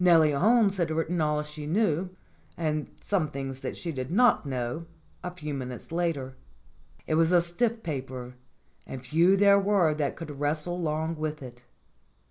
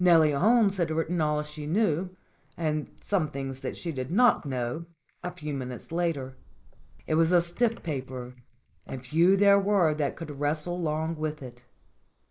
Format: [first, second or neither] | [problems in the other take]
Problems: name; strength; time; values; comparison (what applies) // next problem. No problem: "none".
first | noise reduction (neural mask model Resemble Enhance denoiser)